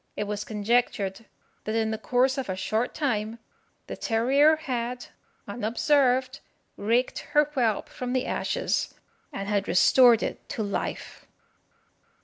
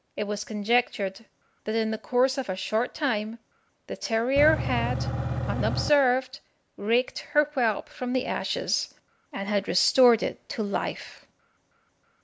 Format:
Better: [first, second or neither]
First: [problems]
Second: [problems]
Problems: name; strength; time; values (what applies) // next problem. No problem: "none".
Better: first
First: none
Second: background sound (Engine / Truck / Car); 1 dB below the speech